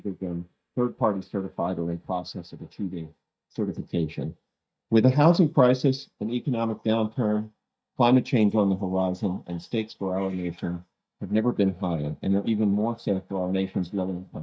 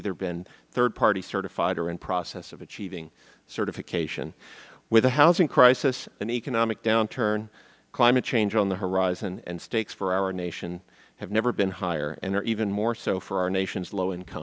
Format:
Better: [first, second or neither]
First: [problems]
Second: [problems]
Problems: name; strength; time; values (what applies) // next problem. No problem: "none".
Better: second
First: noise reduction (neural mask model DeepFilterNet 3)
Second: none